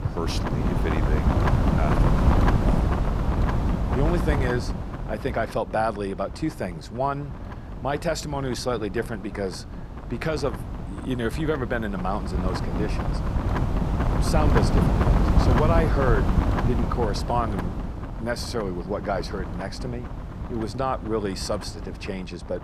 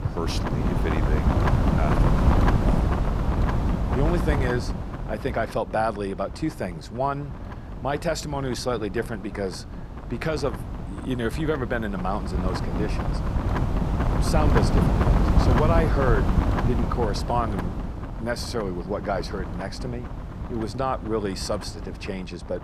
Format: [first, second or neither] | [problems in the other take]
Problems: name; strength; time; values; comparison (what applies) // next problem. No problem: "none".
neither | wind noise on the microphone; heavy; 2 dB below the speech; the same in both